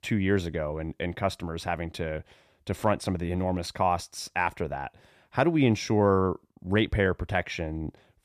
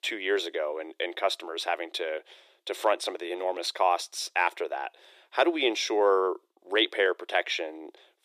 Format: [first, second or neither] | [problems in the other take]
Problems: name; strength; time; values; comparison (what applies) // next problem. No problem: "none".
first | thin; very; fading below 350 Hz